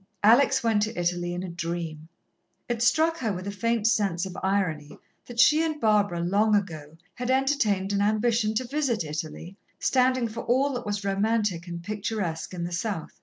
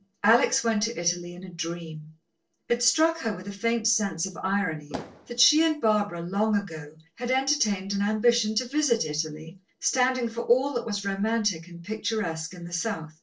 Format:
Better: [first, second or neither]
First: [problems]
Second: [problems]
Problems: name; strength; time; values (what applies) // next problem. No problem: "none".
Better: first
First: none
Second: noise reduction (neural separator model SepFormer DNS4)